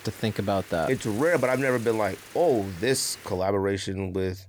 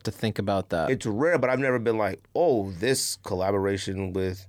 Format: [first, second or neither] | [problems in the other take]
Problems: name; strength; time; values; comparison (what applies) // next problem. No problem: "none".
second | hiss; noticeable; until 3.5 s; 15 dB below the speech